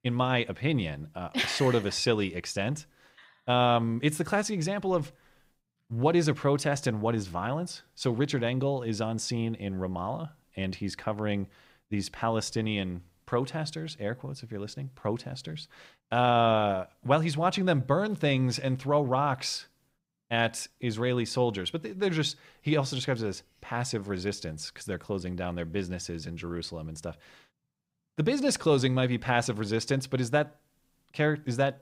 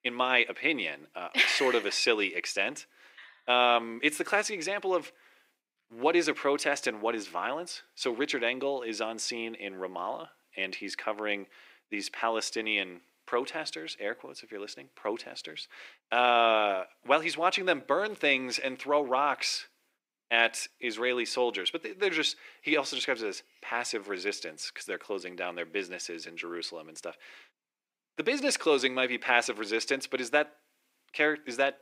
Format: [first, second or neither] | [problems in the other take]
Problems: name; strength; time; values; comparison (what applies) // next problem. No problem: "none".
first | thin; somewhat; fading below 300 Hz